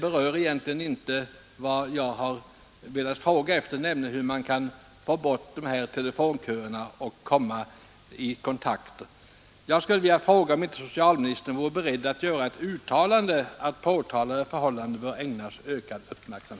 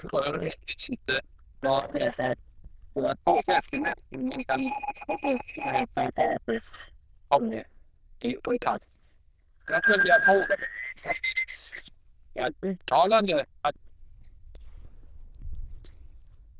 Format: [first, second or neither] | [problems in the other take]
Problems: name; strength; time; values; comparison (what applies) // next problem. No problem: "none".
first | noise reduction (neural diffusion model UNIVERSE++)